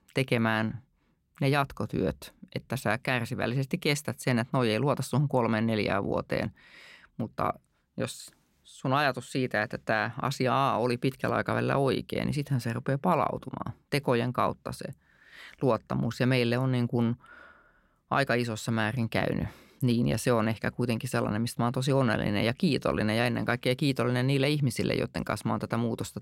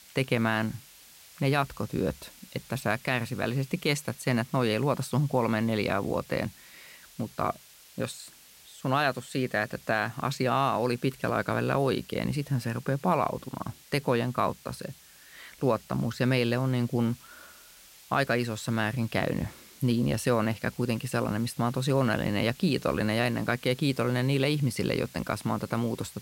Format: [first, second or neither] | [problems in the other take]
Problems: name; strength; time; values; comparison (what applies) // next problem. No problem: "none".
first | hiss; faint; throughout; 20 dB below the speech